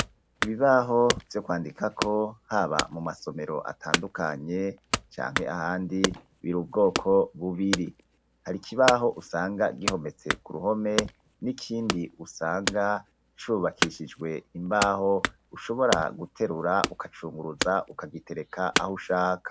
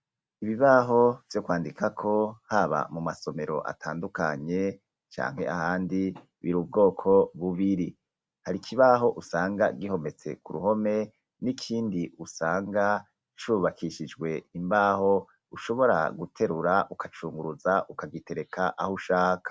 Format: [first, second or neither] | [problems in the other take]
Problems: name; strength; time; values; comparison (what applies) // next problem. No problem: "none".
second | background sound (Wood / Domestic sounds, home sounds); 6 dB below the speech